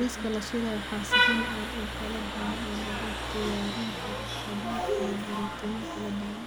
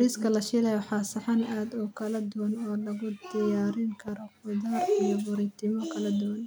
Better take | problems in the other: second | background sound (Vehicle horn, car horn, honking); 1 dB above the speech

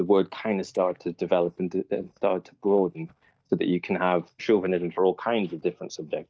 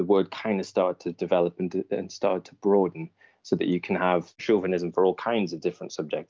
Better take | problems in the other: second | noise reduction (neural mask model DeepFilterNet 3)

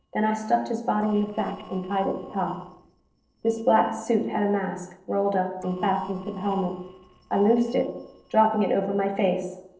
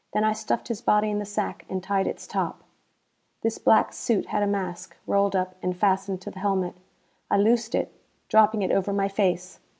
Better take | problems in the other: second | noise reduction (neural separator model SepFormer DNS4)

